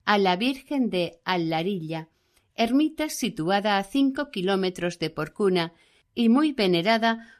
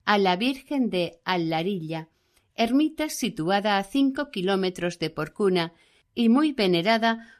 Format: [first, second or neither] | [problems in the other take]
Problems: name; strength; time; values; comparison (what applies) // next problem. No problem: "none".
neither | none